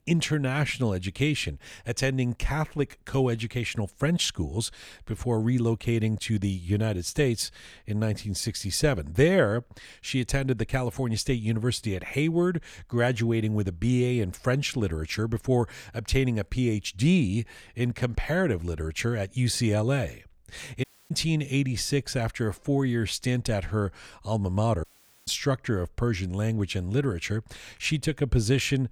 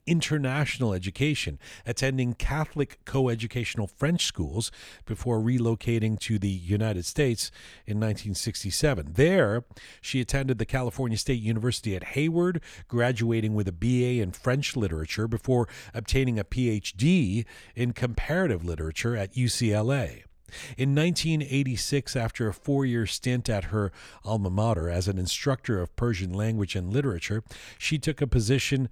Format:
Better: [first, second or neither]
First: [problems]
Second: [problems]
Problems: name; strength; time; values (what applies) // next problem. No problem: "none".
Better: second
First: audio cutting out; at 21 s and at 25 s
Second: none